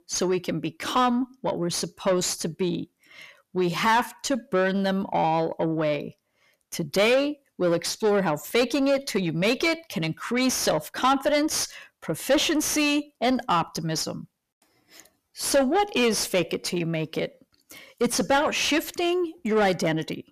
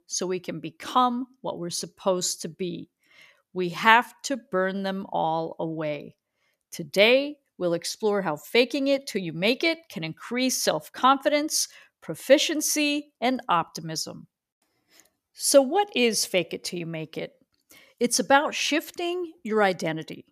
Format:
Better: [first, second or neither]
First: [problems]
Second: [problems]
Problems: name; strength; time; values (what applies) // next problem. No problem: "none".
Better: second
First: distortion; heavy; 6 dB below the speech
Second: none